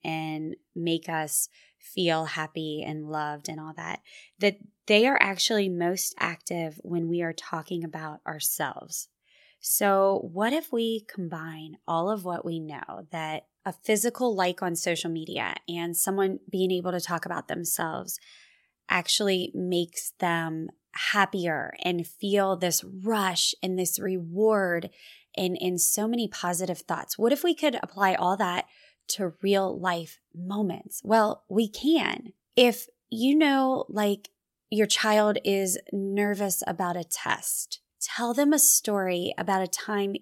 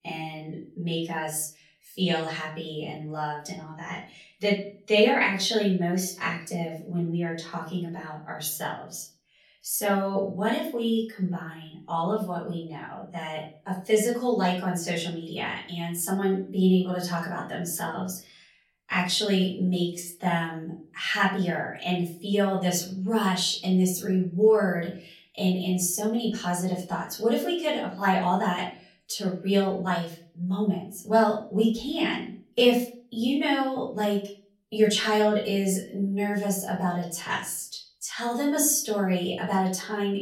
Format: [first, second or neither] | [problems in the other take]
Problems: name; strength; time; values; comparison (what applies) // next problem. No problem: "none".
first | off-mic speech; far // room echo; slight; dies away in 0.4 s